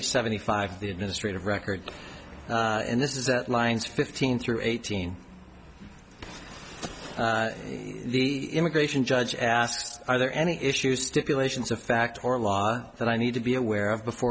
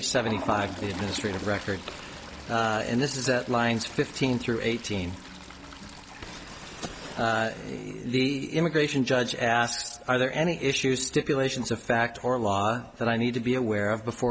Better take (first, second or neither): first